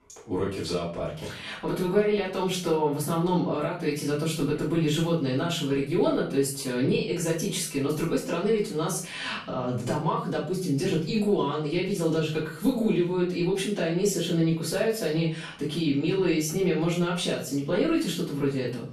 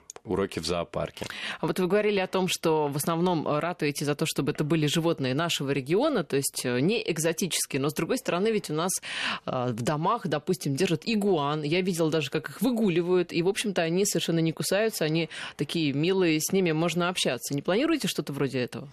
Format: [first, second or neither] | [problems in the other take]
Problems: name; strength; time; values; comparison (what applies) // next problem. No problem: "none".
second | off-mic speech; far // room echo; noticeable; dies away in 0.4 s